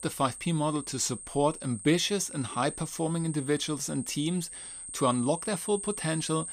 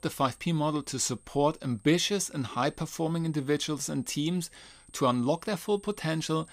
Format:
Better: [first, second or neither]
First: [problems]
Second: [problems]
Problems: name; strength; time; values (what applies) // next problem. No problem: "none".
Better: second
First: high-pitched whine; loud; throughout; 8.5 kHz, 9 dB below the speech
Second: high-pitched whine; faint; throughout; 8.5 kHz, 30 dB below the speech